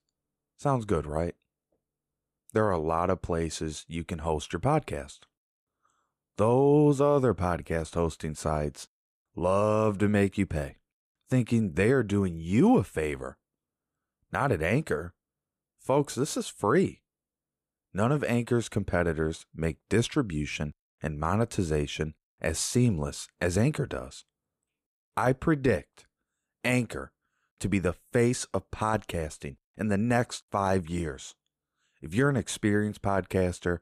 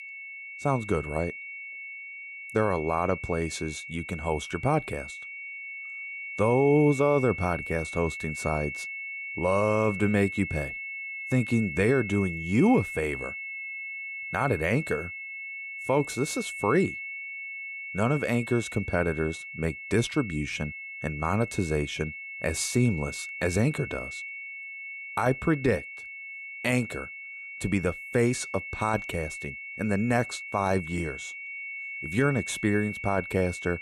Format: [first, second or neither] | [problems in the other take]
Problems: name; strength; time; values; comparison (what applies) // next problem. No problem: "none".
first | high-pitched whine; loud; throughout; 2 kHz, 8 dB below the speech